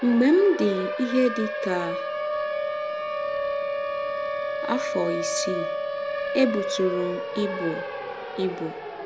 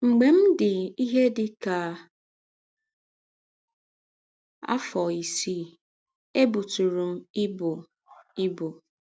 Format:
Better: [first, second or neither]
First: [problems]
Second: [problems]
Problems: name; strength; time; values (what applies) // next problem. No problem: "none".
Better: second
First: background sound (Siren); 3 dB below the speech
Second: none